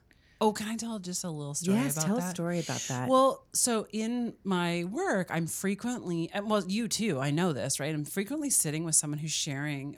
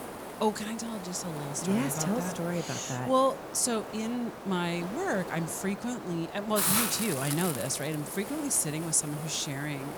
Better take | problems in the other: first | hiss; loud; throughout; 5 dB below the speech

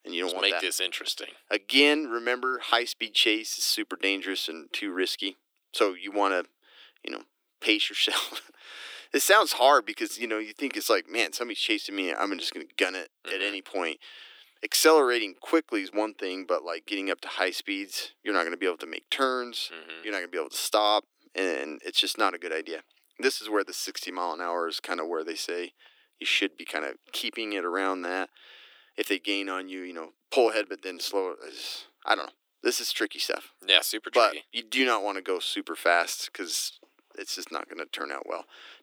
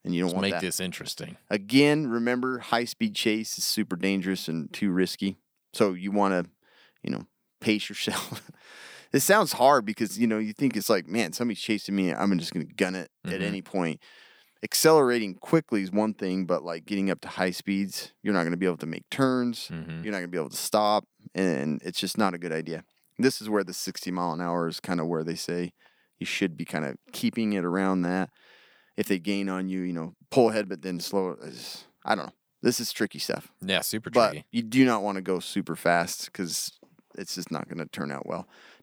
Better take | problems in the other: second | thin; somewhat; fading below 300 Hz

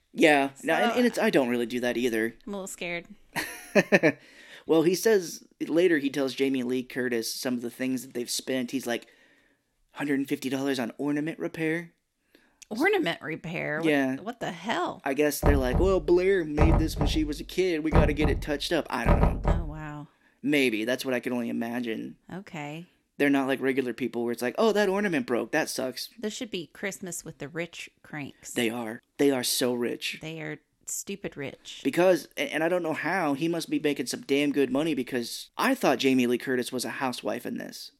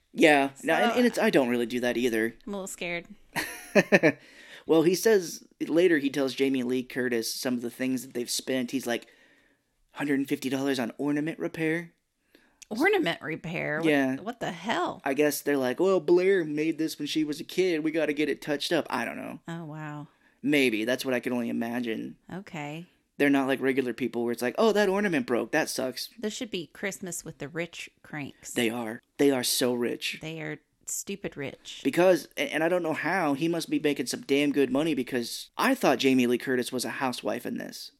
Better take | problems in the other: second | door banging; loud; from 15 to 20 s; peak 3 dB above the speech

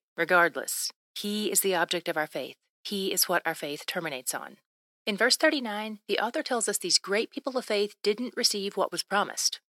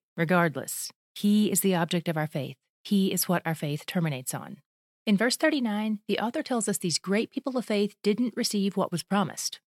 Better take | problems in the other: second | thin; somewhat; fading below 350 Hz

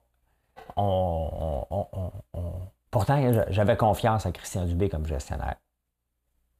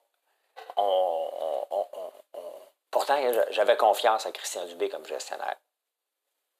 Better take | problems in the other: first | thin; very; fading below 400 Hz

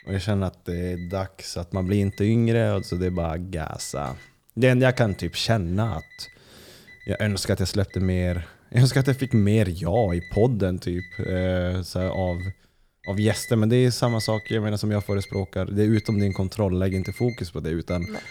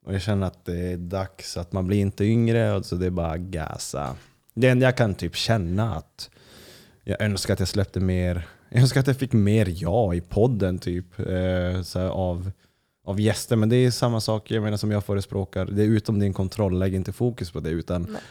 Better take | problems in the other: second | alarms or sirens; noticeable; throughout; 20 dB below the speech

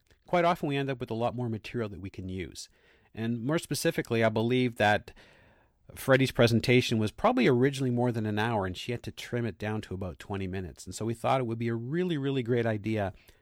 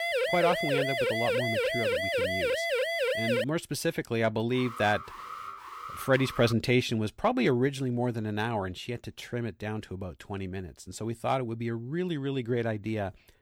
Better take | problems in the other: first | siren; loud; until 3.5 s; peak 3 dB above the speech // alarm; noticeable; from 4.5 to 6.5 s; peak 10 dB below the speech

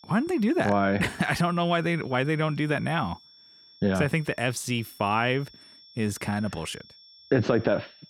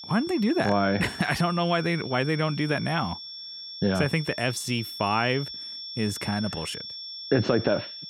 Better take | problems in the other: first | high-pitched whine; loud; throughout; 5.5 kHz, 10 dB below the speech; faint in the first

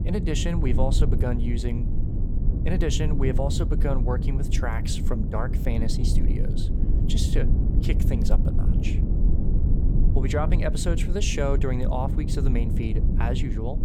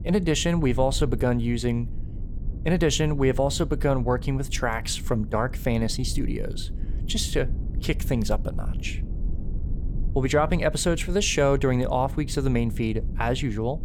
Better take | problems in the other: second | low rumble; loud; throughout; 6 dB below the speech; faint in the second

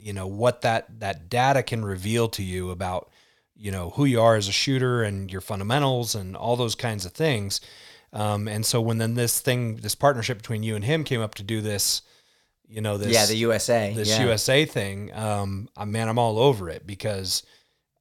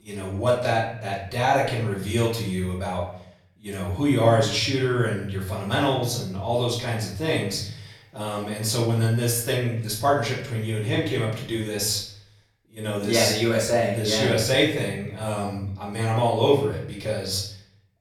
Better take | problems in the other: first | off-mic speech; far // room echo; noticeable; dies away in 0.6 s

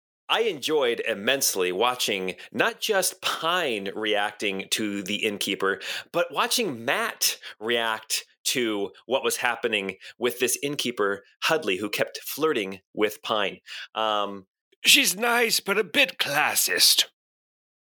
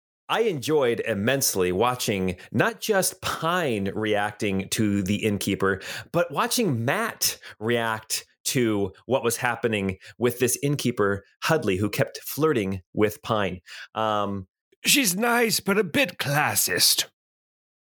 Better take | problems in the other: second | thin; very slightly; fading below 300 Hz

